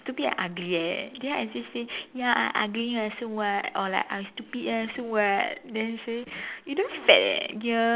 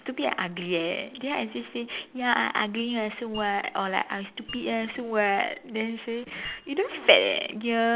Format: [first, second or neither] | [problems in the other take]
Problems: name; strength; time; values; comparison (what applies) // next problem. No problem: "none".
first | background sound (Mallet percussion); 19 dB below the speech